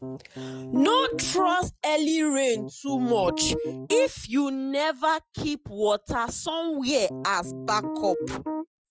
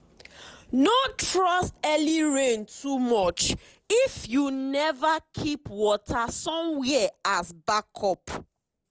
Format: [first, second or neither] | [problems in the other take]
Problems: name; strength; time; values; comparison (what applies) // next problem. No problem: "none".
second | noise reduction (classical method Wiener filter)